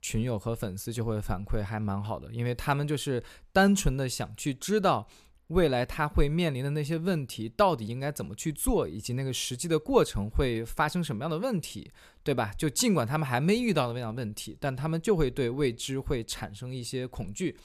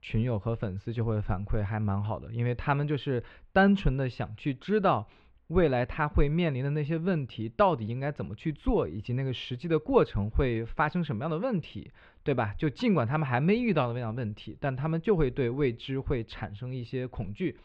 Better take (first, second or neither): first